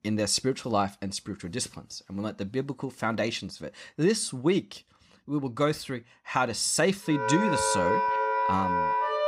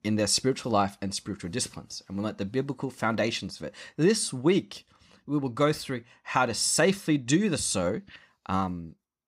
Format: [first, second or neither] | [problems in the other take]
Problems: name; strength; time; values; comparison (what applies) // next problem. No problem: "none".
second | background music; very loud; from 7 s on; 2 dB above the speech